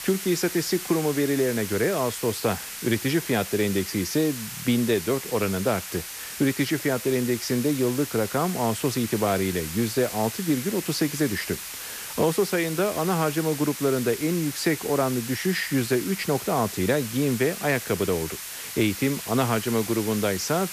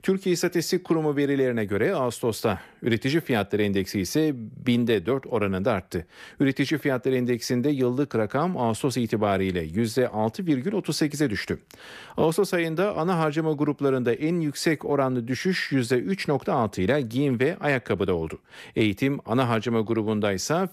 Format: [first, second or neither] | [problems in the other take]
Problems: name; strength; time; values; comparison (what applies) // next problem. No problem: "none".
second | hiss; loud; throughout; 8 dB below the speech